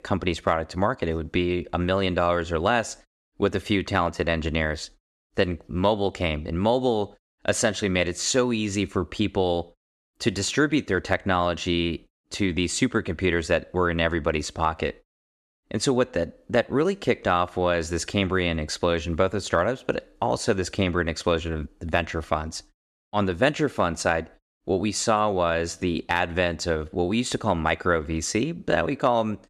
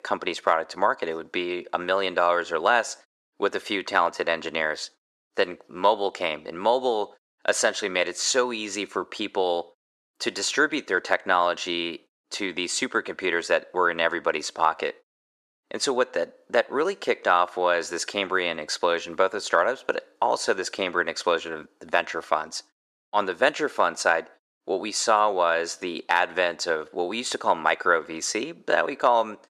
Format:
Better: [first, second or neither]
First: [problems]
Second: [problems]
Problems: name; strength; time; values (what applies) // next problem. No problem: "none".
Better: first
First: none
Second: thin; somewhat; fading below 450 Hz